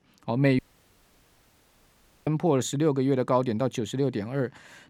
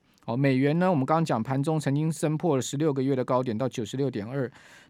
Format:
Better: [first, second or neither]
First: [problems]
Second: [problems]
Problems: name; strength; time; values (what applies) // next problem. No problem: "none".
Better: second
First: audio cutting out; at 0.5 s for 1.5 s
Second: none